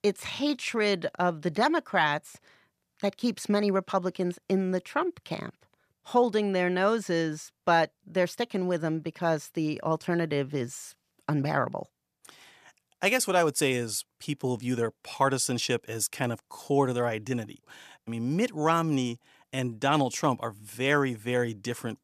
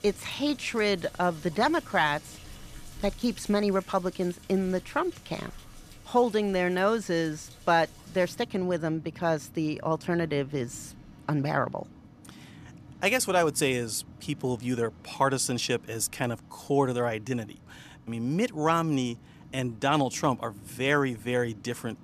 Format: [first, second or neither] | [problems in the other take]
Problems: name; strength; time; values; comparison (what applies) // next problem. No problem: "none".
first | rain or running water; faint; throughout; 20 dB below the speech